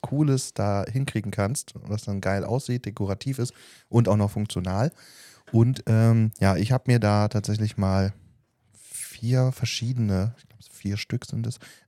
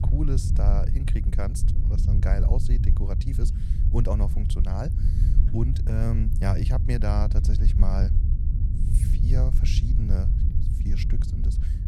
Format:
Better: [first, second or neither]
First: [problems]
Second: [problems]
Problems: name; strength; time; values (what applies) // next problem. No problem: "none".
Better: first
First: none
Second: low rumble; loud; throughout; 5 dB below the speech